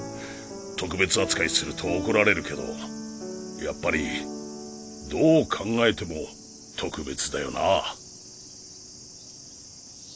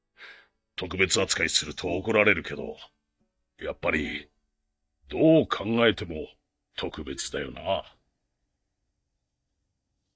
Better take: first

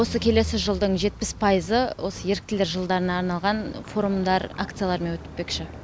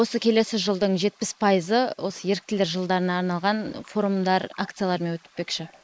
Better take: first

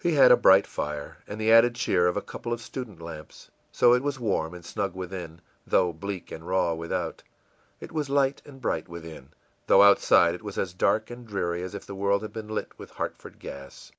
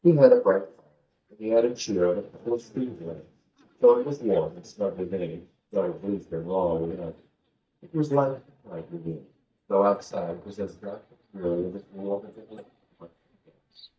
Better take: first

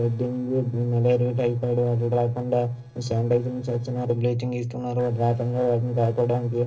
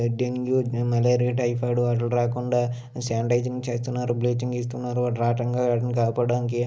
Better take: second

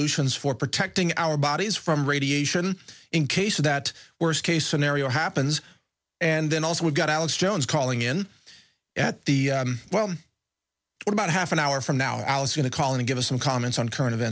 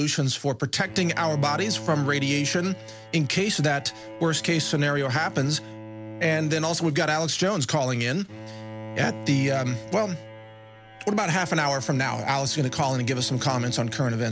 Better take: first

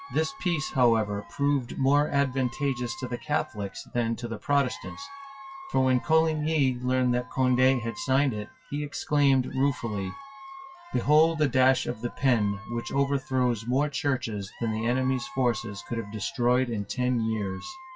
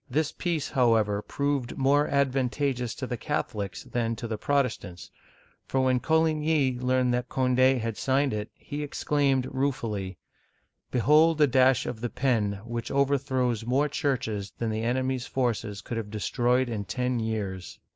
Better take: second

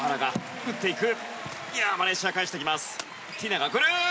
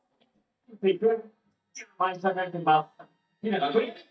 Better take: first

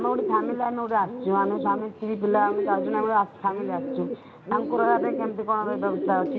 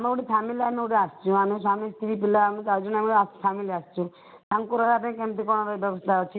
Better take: second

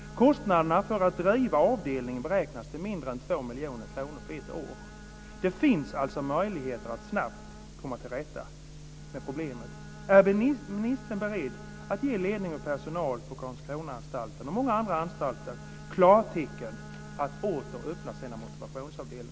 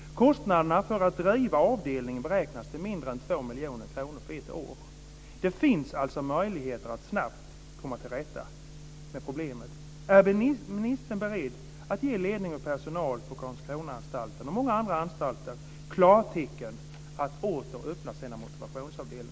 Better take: second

